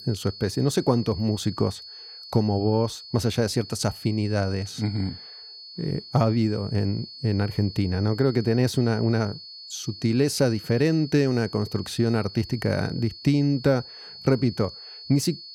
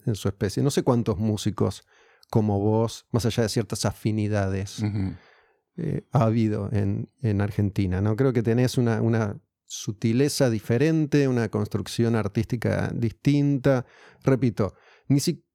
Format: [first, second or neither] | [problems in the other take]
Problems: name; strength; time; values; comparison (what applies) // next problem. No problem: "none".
second | high-pitched whine; noticeable; throughout; 4.5 kHz, 15 dB below the speech